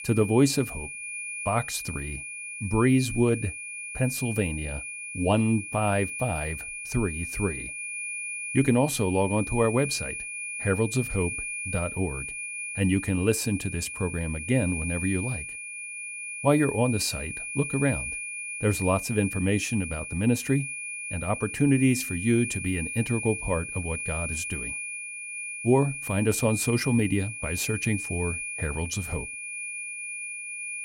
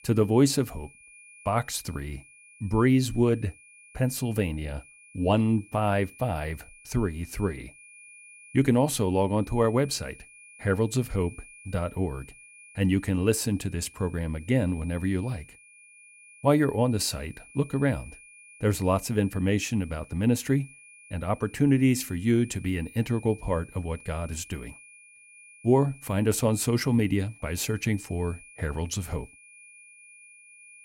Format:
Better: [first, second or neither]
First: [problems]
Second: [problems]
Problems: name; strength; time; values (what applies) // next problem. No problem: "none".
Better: second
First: high-pitched whine; loud; throughout; 2.5 kHz, 6 dB below the speech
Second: high-pitched whine; faint; throughout; 2.5 kHz, 20 dB below the speech